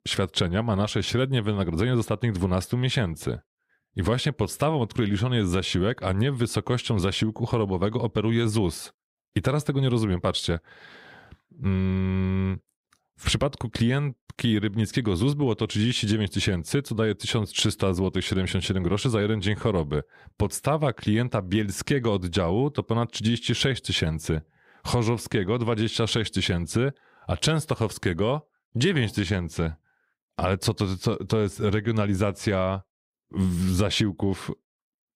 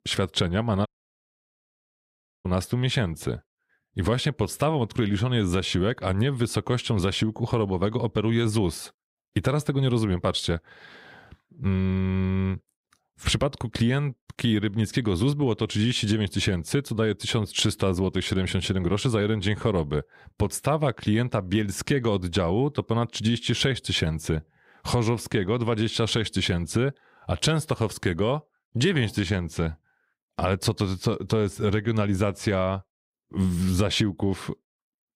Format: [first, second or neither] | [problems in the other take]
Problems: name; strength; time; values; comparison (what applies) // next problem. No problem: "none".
first | audio cutting out; at 1 s for 1.5 s